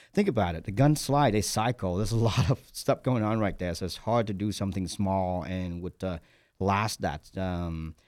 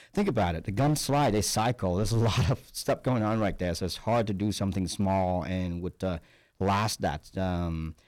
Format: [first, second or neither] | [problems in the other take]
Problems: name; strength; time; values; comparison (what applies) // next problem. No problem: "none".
first | distortion; slight; 8% of the sound clipped